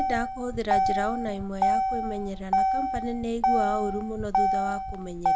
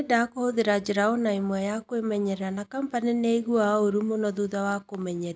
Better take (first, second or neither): second